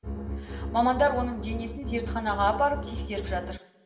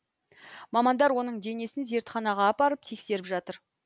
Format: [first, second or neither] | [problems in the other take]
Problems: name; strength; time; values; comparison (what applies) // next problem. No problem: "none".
second | background sound (Bowed string instrument); 6 dB below the speech // room echo; dies away in 1.5 s